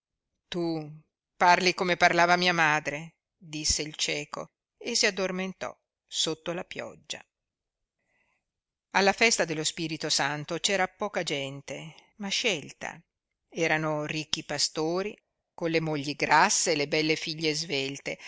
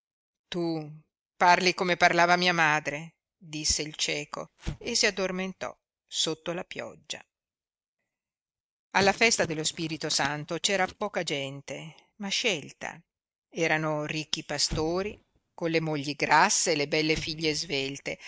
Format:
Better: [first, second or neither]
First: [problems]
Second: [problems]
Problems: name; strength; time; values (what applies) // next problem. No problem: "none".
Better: first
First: none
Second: noise reduction (neural mask model RNNoise)